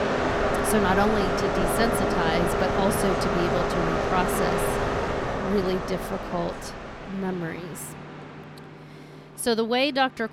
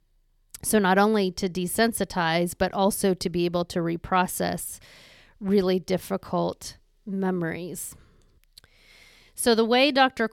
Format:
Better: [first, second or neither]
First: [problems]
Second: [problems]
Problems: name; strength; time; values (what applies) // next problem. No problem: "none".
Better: second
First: train or aircraft noise; very loud; throughout; 1 dB above the speech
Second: none